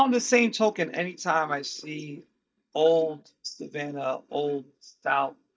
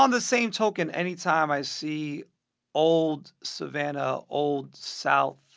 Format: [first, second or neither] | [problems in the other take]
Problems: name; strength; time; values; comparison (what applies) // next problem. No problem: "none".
second | noise reduction (neural mask model DeepFilterNet 3)